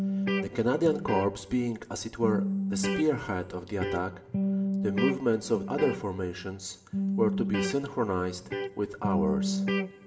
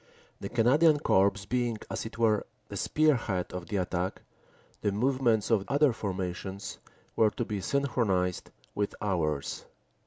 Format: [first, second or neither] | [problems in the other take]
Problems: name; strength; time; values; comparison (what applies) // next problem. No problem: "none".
second | background sound (Electric guitar); 1 dB below the speech // room echo; dies away in 0.6 s